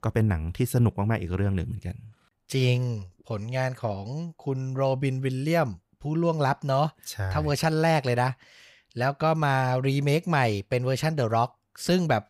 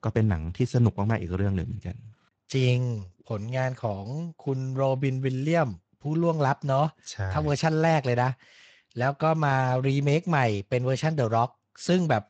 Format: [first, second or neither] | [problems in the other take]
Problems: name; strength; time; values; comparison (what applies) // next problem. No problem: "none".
first | garbled, watery; slightly; nothing above 8 kHz